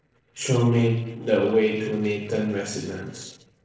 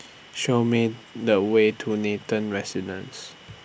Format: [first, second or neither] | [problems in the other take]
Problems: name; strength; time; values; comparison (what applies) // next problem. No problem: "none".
second | noise reduction (neural separator model SepFormer DNS4)